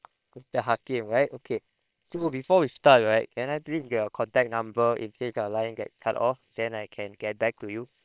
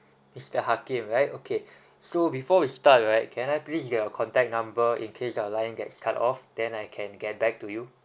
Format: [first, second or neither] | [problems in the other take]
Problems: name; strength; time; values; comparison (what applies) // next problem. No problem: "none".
second | noise reduction (neural separator model SepFormer WHAM!)